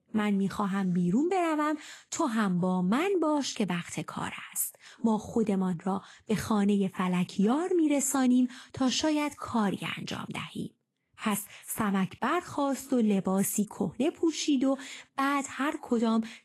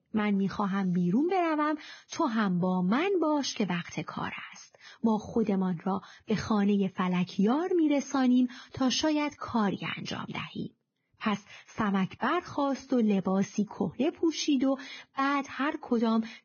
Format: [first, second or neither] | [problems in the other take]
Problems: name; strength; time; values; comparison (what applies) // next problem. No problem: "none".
first | garbled, watery; badly; nothing above 6.5 kHz; slightly in the first